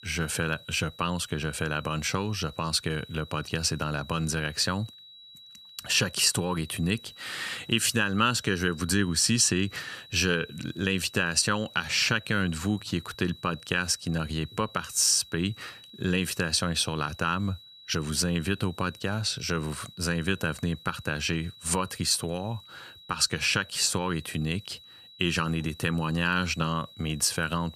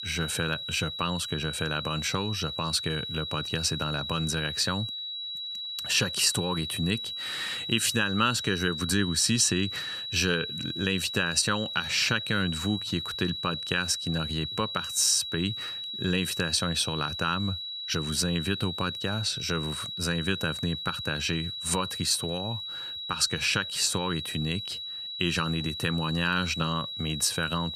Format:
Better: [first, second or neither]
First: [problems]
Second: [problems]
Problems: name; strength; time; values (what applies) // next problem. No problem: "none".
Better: first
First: high-pitched whine; faint; throughout; 4 kHz, 20 dB below the speech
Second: high-pitched whine; loud; throughout; 4 kHz, 5 dB below the speech